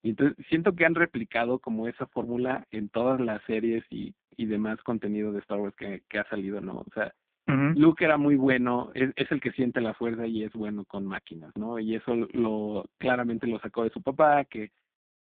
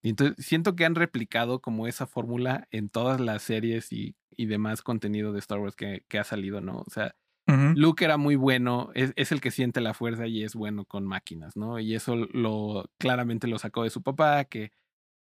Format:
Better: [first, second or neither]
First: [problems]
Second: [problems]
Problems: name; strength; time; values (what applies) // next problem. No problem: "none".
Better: second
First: phone-call audio; poor line; nothing above 3.5 kHz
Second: none